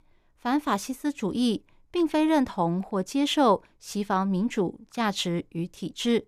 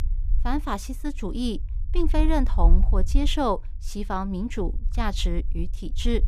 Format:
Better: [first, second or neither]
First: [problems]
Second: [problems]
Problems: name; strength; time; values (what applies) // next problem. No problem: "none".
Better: first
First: none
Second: low rumble; faint; throughout; 20 dB below the speech